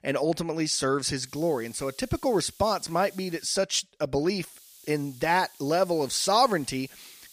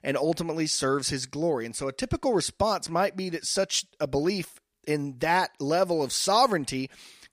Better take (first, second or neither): second